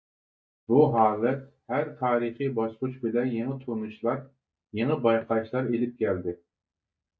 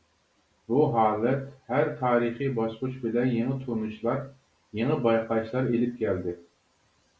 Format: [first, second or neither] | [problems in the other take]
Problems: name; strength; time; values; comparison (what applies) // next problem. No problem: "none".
second | noise reduction (neural mask model DeepFilterNet 3)